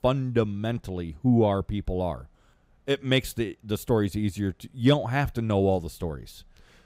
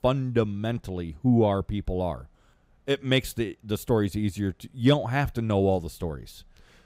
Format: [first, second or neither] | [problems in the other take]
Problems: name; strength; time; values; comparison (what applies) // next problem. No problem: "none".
neither | none